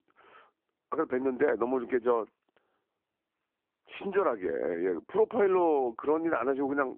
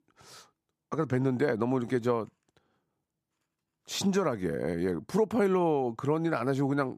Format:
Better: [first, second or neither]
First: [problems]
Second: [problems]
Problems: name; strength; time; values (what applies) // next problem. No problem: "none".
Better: second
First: phone-call audio; poor line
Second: none